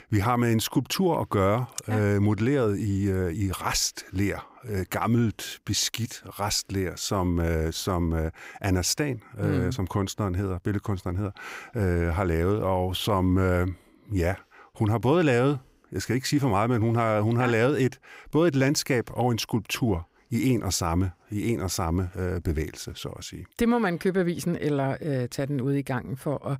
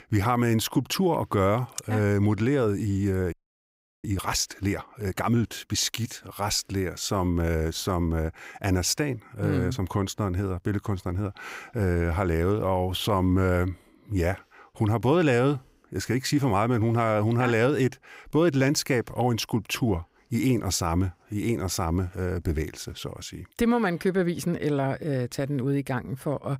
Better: first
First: none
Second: audio freezing; at 3.5 s for 0.5 s

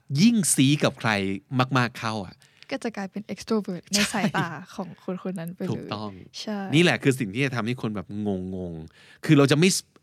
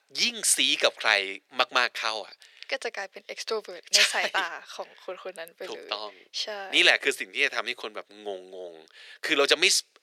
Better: first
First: none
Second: thin; very; fading below 450 Hz

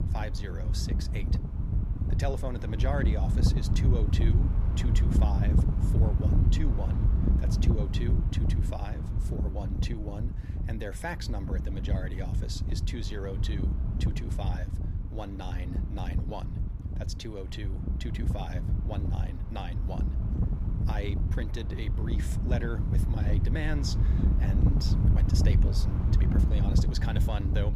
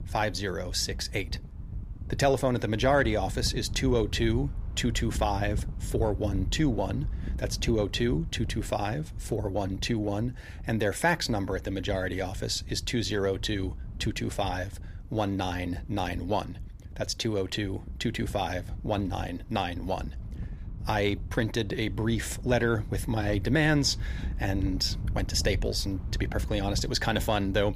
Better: second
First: wind noise on the microphone; heavy; 2 dB below the speech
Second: wind noise on the microphone; occasional gusts; 20 dB below the speech

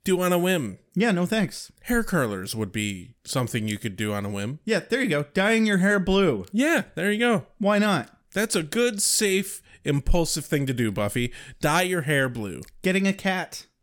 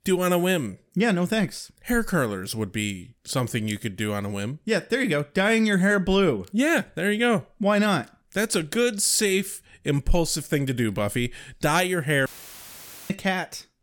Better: first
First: none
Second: audio cutting out; filled with static; at 12 s for 1 s

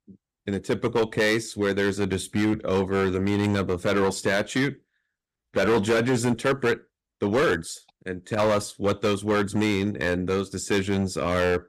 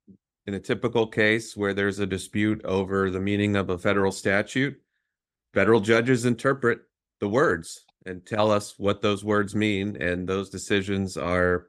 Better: second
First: distortion; heavy; 8% of the sound clipped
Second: none

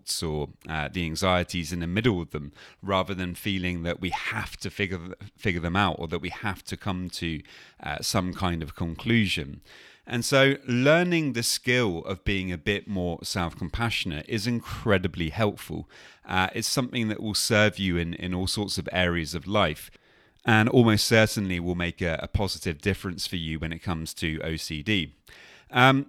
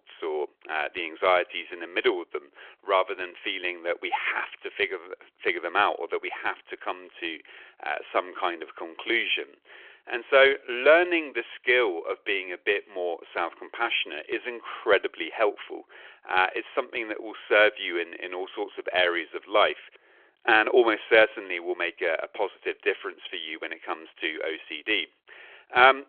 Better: first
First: none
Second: phone-call audio; nothing above 3.5 kHz

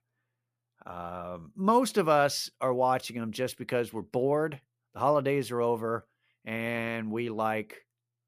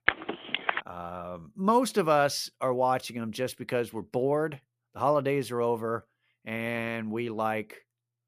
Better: first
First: none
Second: phone ringing; loud; at the start; peak 1 dB above the speech

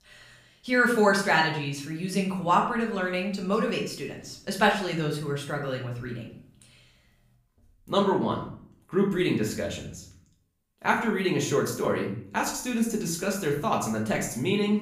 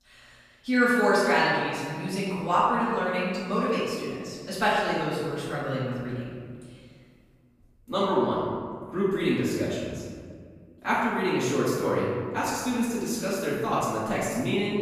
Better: first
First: room echo; slight; dies away in 0.5 s // off-mic speech; far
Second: room echo; strong; dies away in 1.8 s // off-mic speech; far

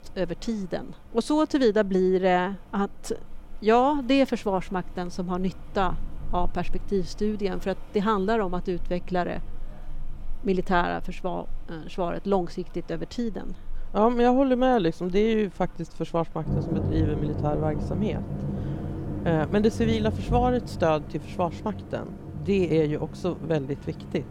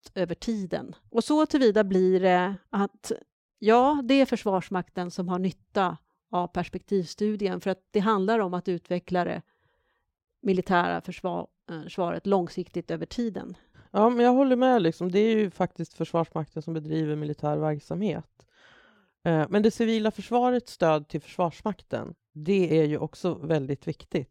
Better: second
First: rain or running water; loud; throughout; 9 dB below the speech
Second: none

